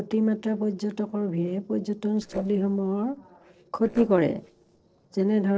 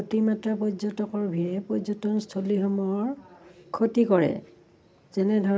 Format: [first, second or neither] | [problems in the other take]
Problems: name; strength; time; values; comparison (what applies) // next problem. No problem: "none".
second | noise reduction (neural separator model SepFormer DNS4)